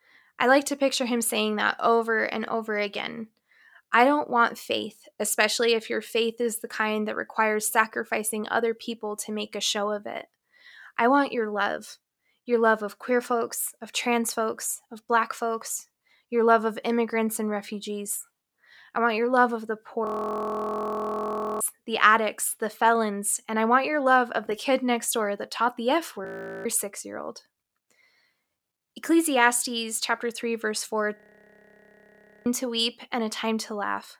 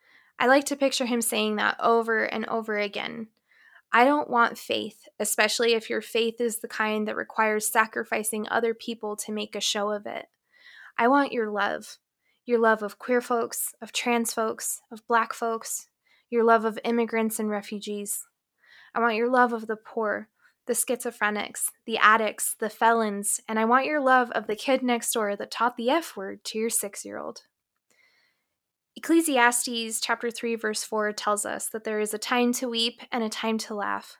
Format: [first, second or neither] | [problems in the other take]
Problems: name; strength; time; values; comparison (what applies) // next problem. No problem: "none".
second | audio freezing; at 20 s for 1.5 s, at 26 s and at 31 s for 1.5 s